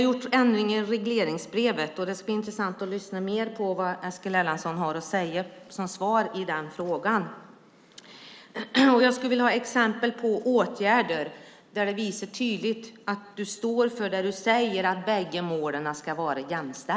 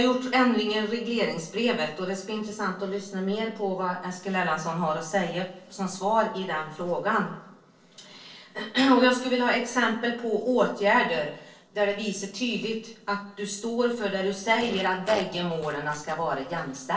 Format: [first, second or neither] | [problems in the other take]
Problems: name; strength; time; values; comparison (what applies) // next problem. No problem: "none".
first | noise reduction (neural separator model SepFormer DNS4)